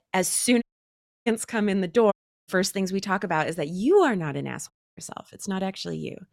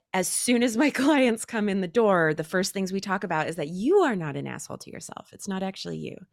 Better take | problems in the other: second | audio cutting out; at 0.5 s for 0.5 s, at 2 s and at 4.5 s

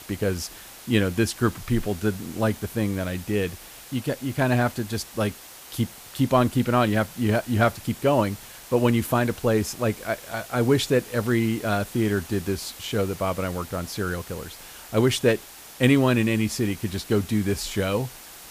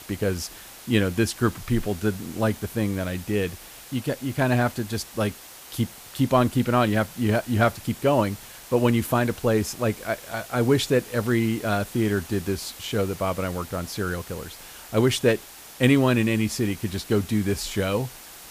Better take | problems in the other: neither | hiss; noticeable; throughout; 15 dB below the speech; the same in both

